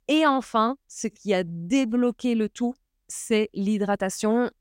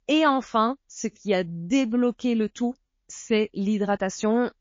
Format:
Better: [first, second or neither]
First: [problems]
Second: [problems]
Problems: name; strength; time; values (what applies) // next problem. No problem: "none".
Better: first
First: none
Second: garbled, watery; slightly